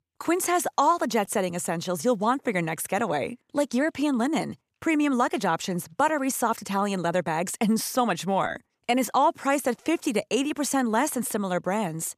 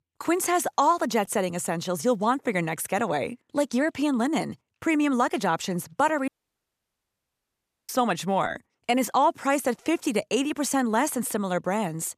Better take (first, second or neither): first